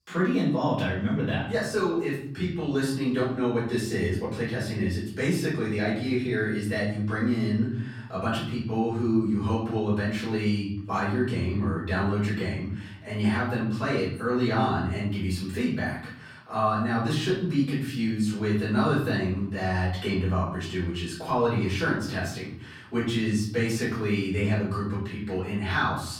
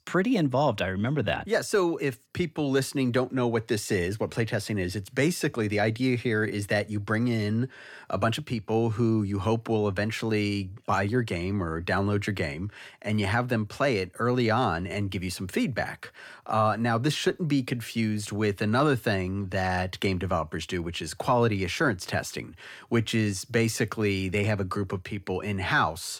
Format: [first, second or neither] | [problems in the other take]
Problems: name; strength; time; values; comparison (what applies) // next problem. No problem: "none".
second | off-mic speech; far // room echo; noticeable; dies away in 0.7 s